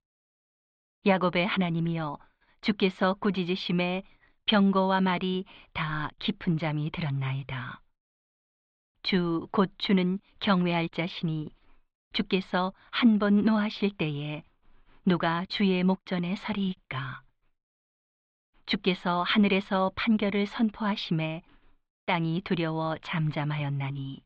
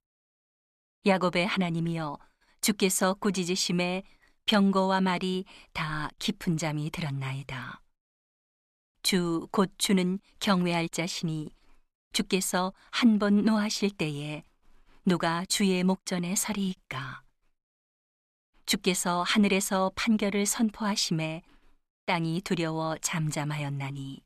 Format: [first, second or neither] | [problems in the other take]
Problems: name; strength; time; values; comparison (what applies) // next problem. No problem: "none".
second | muffled; slightly; fading above 3.5 kHz